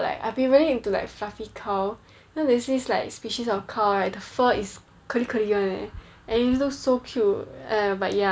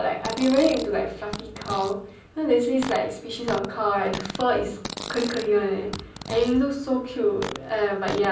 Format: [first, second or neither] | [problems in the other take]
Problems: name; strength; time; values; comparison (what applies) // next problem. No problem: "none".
first | background sound (Fart); 12 dB below the speech // room echo; dies away in 0.6 s